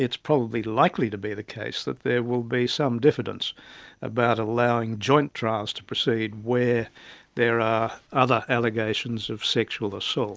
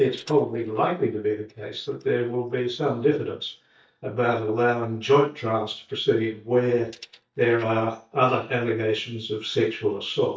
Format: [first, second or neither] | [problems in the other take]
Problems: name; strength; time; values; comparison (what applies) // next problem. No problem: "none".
first | noise reduction (neural mask model DeepFilterNet 3)